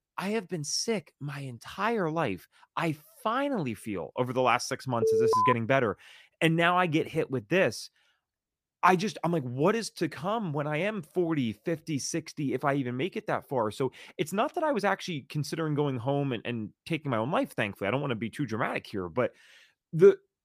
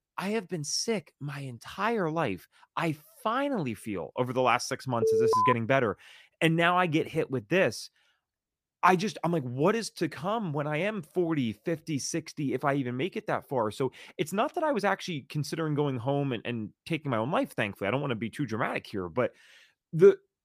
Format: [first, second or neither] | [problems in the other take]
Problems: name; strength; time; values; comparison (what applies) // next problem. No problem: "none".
neither | alarm; loud; at 5 s; peak 5 dB above the speech; the same in both